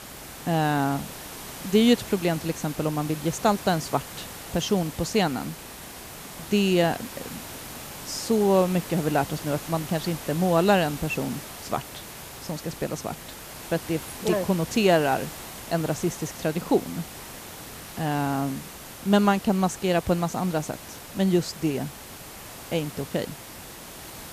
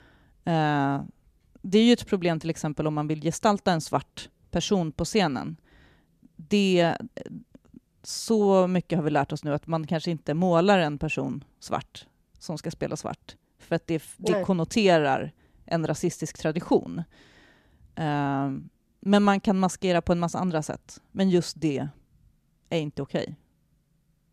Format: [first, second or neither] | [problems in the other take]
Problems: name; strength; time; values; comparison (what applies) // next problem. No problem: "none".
second | hiss; noticeable; throughout; 15 dB below the speech